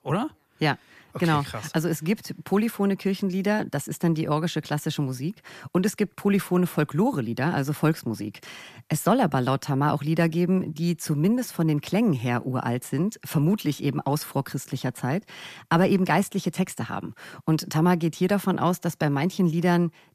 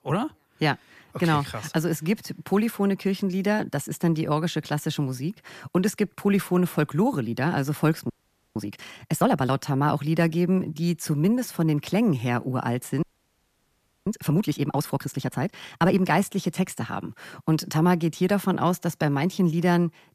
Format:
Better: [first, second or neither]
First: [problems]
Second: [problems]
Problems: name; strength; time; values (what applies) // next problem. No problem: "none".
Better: first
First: none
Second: audio freezing; at 8 s and at 13 s for 1 s